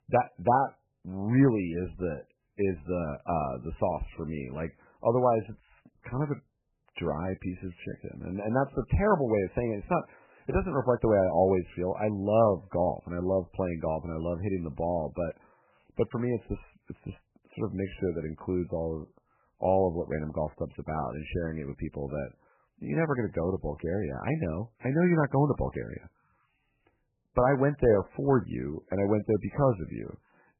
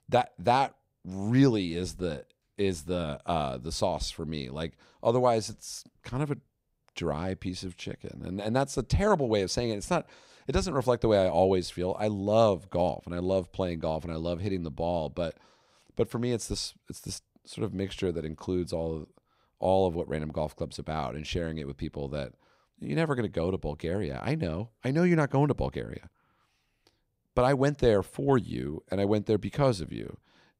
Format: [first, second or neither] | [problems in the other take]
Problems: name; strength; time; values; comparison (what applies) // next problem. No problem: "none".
second | garbled, watery; badly; nothing above 3 kHz